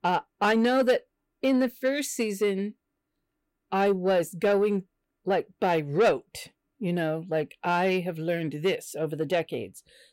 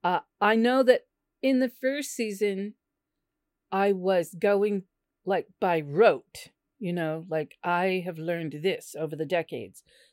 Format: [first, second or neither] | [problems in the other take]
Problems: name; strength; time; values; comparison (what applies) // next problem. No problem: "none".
second | distortion; slight; 10 dB below the speech